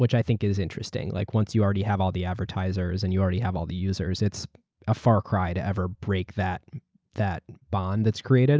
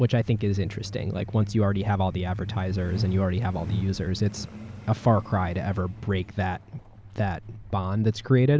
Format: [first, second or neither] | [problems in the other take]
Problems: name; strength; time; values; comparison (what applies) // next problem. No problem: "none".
first | background sound (Truck); 12 dB below the speech